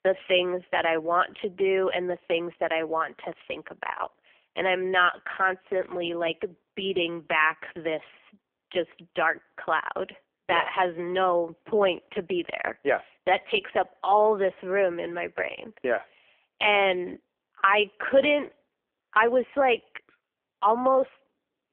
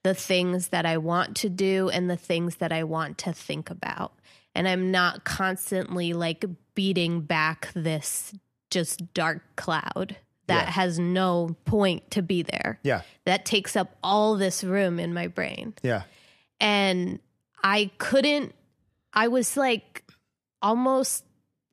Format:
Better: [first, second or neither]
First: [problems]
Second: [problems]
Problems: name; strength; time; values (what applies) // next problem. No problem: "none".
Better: second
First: phone-call audio; poor line; nothing above 3.5 kHz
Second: none